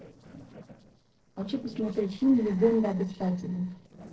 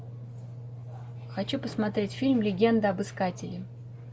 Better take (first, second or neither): second